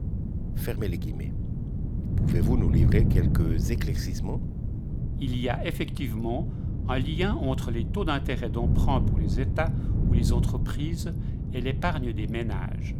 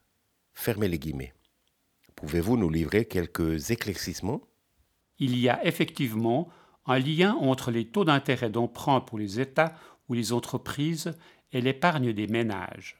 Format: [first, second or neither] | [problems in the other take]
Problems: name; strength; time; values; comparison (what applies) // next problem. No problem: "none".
second | wind noise on the microphone; heavy; 6 dB below the speech